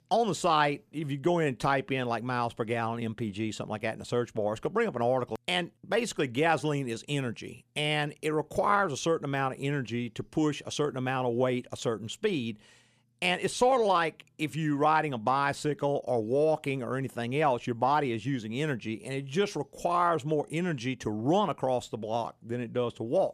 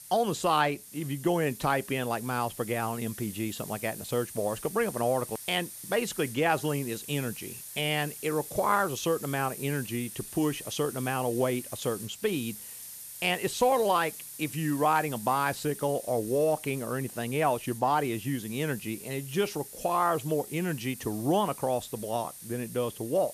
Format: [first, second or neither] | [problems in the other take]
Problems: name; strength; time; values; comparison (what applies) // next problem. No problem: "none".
first | hiss; noticeable; throughout; 10 dB below the speech